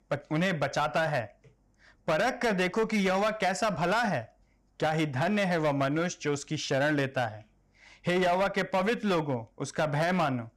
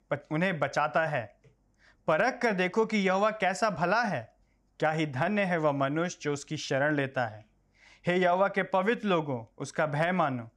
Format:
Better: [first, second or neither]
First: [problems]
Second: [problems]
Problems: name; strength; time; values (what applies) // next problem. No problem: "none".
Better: second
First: distortion; slight; 11% of the sound clipped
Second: none